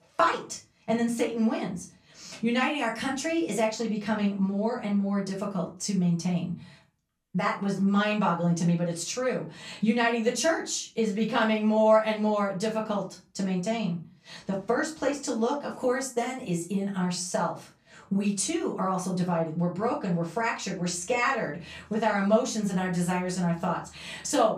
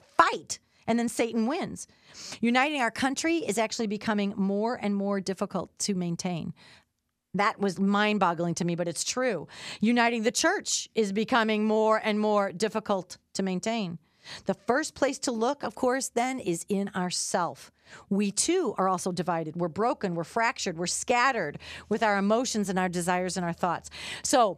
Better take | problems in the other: second | off-mic speech; far // room echo; slight; dies away in 0.3 s

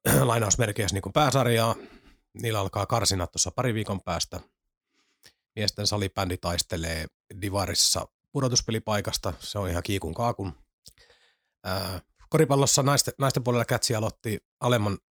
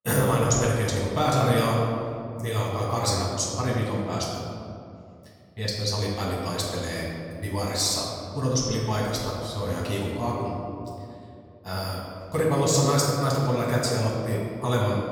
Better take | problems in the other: first | room echo; noticeable; dies away in 2.2 s // off-mic speech; far

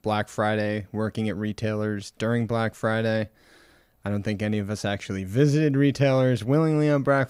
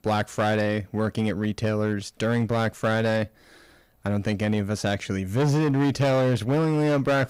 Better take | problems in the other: first | distortion; slight; 11% of the sound clipped

